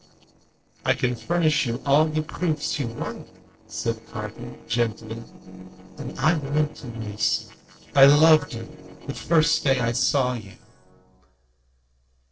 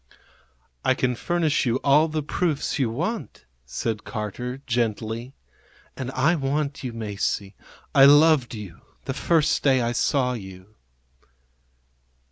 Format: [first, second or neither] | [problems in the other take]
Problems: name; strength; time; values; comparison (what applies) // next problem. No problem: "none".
second | noise reduction (neural separator model SepFormer DNS4)